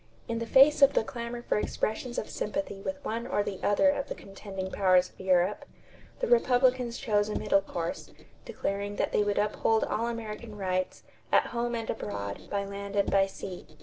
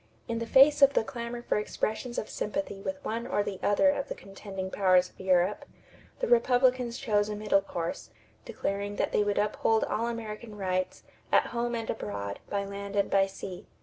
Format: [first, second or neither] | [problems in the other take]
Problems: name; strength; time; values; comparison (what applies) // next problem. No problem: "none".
second | background sound (Squeak); 16 dB below the speech